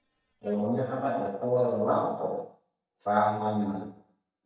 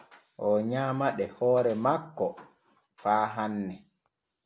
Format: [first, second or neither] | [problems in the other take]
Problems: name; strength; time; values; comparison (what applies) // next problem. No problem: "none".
second | noise reduction (neural mask model DeepFilterNet 3)